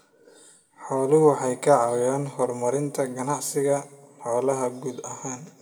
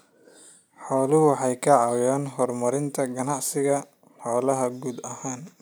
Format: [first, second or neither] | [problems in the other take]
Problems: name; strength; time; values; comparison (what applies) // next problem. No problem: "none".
second | room echo; dies away in 1 s